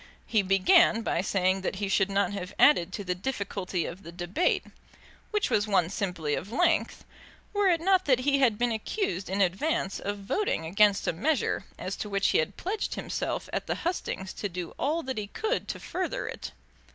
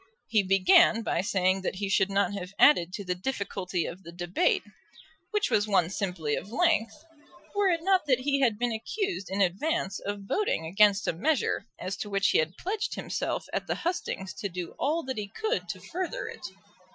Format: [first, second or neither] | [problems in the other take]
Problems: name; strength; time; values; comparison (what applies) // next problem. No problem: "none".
first | noise reduction (classical method Wiener filter)